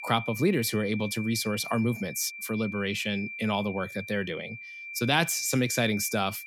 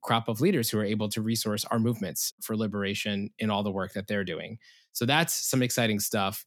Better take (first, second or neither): second